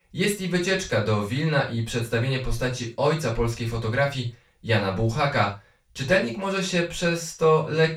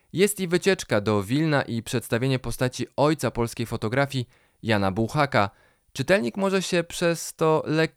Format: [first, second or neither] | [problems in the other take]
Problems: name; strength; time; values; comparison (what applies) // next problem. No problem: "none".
second | room echo; slight; dies away in 0.3 s // off-mic speech; far